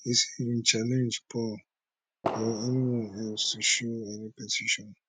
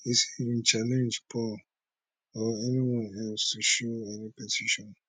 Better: second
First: background sound (Fireworks); 8 dB below the speech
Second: none

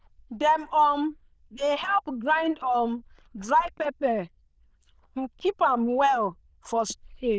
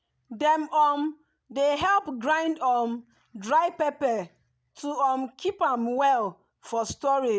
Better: second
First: noise reduction (neural diffusion model UNIVERSE++)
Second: none

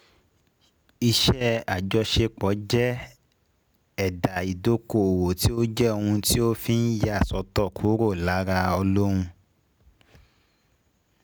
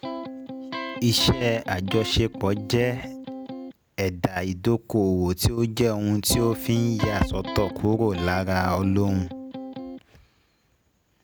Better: first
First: none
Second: background sound (Electric guitar); 10 dB below the speech

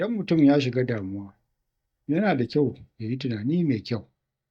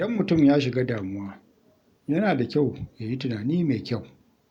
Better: second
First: noise reduction (neural mask model DeepFilterNet 3)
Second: none

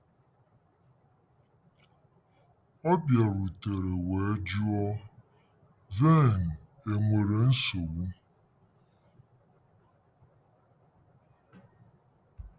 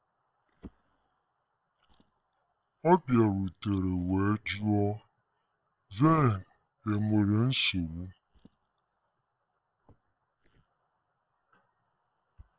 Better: first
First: none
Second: noise reduction (neural separator model SepFormer WHAM!)

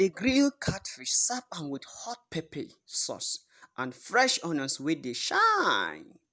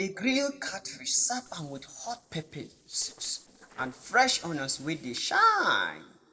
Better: first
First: none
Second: noise reduction (neural separator model SepFormer DNS4)

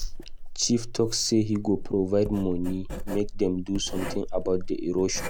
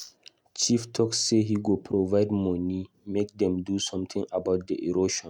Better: second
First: background sound (Writing); 6 dB below the speech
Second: none

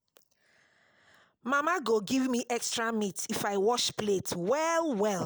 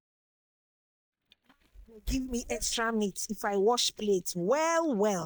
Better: first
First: none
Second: noise reduction (neural mask model DeepFilterNet 3)

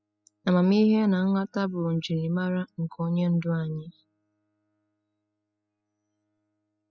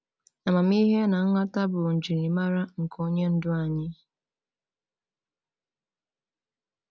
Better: second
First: noise reduction (classical method spectral subtraction)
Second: none

